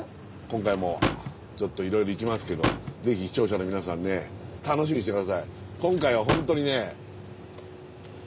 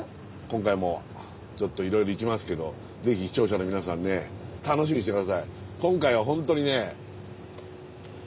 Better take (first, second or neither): second